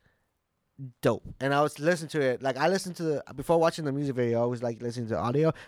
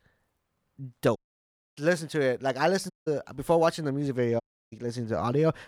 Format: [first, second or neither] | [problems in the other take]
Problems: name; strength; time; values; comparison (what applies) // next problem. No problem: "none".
first | audio cutting out; at 1 s for 0.5 s, at 3 s and at 4.5 s